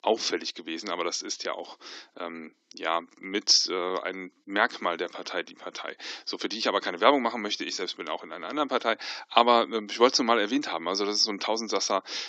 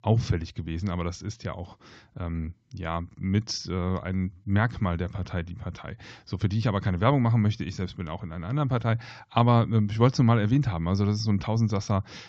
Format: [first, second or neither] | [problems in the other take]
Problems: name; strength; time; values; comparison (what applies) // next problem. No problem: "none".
second | thin; very; fading below 300 Hz